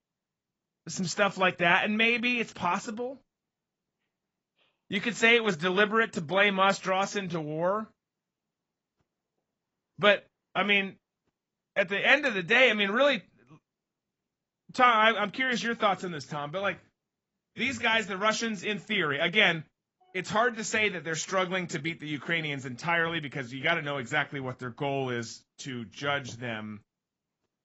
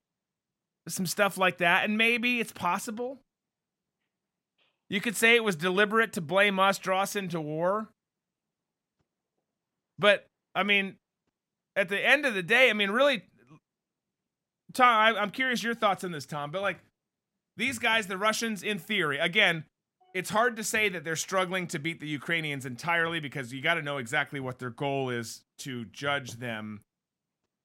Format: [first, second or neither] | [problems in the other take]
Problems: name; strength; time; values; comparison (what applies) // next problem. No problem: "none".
second | garbled, watery; badly; nothing above 7.5 kHz